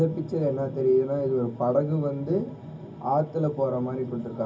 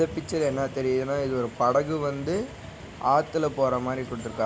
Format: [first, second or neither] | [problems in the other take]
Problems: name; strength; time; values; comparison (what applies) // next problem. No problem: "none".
second | room echo; dies away in 0.4 s